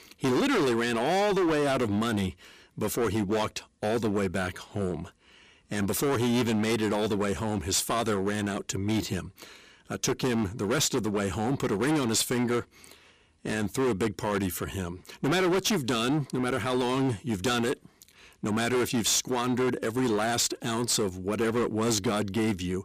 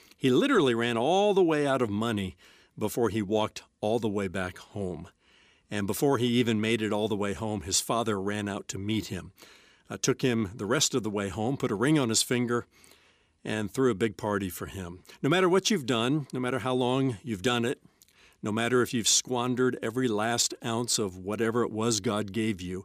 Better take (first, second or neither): second